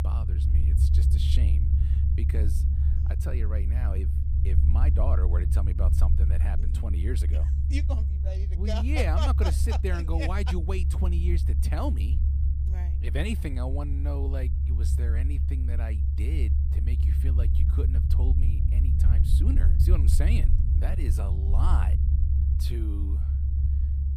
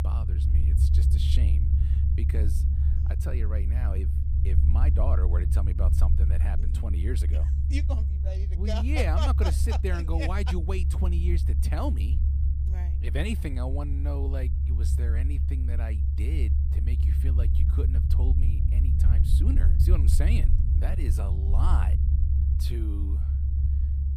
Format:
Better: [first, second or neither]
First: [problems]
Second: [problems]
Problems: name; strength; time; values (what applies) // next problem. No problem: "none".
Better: neither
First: low rumble; loud; throughout; 4 dB below the speech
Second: low rumble; loud; throughout; 4 dB below the speech